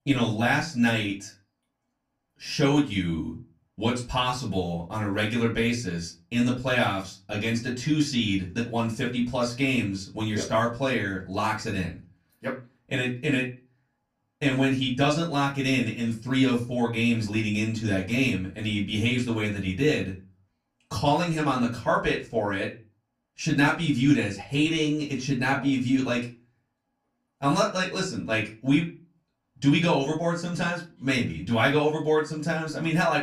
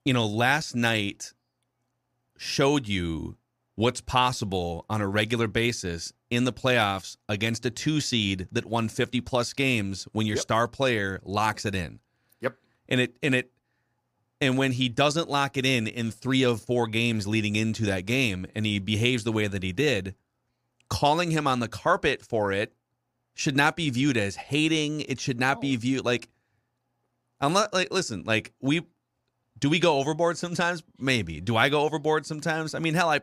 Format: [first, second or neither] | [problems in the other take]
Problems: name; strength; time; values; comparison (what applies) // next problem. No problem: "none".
second | off-mic speech; far // room echo; very slight; dies away in 0.3 s